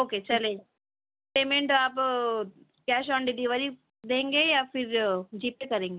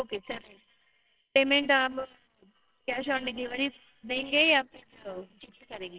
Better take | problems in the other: first | noise reduction (neural separator model SepFormer WHAMR!)

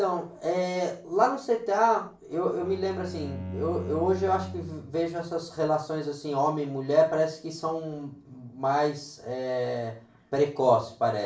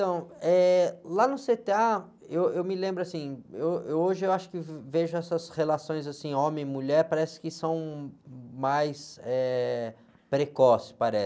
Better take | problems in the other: second | background sound (Bowed string instrument); 12 dB below the speech // room echo; dies away in 0.3 s

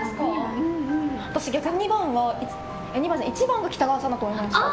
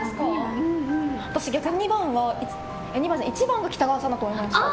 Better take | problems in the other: second | room echo; dies away in 1.1 s

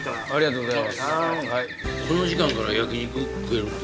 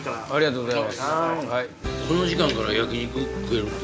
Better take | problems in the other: second | background sound (Bird); 13 dB below the speech

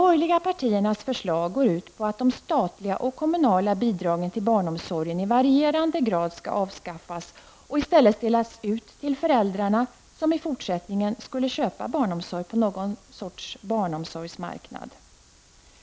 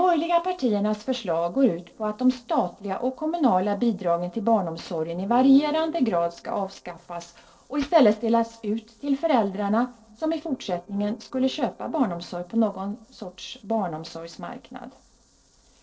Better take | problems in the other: first | noise reduction (neural separator model SepFormer DNS4)

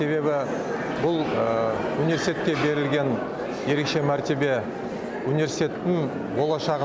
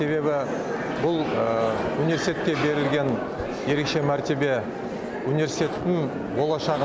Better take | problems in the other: first | background sound (Zipper (clothing)); 15 dB below the speech

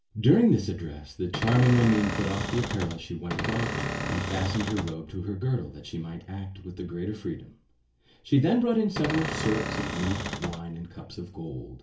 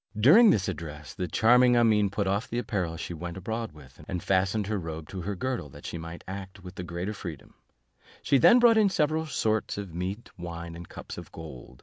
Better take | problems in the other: second | background sound (Cupboard open or close / Door); 4 dB below the speech // room echo; dies away in 0.3 s

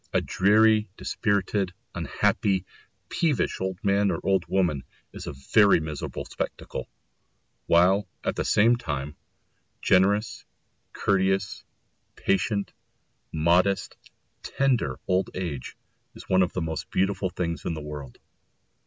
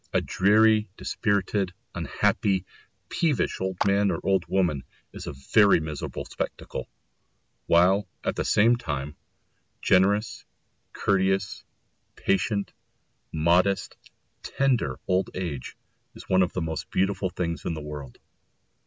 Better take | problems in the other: first | background sound (Clapping); 11 dB below the speech

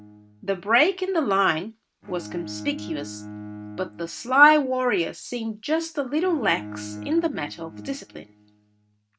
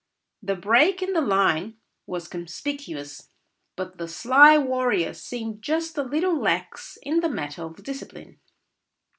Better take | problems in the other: second | noise reduction (neural mask model RNNoise)

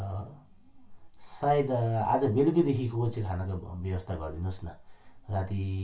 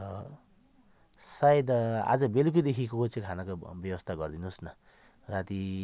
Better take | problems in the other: second | room echo; dies away in 0.3 s

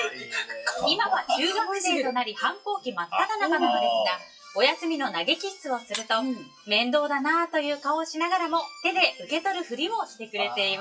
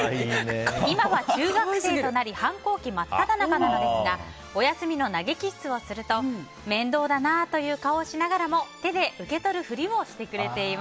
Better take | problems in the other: second | noise reduction (classical method WPE with log-MMSE)

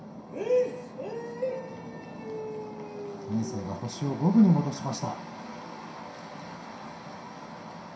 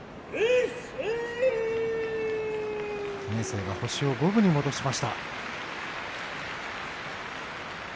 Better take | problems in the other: second | room echo; dies away in 0.5 s

